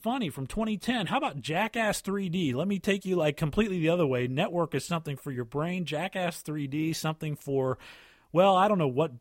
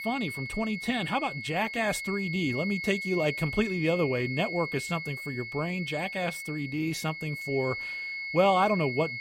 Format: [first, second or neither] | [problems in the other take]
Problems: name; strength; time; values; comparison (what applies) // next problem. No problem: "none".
first | high-pitched whine; loud; throughout; 2 kHz, 5 dB below the speech